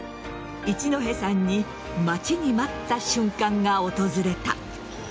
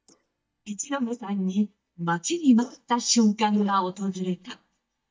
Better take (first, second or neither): first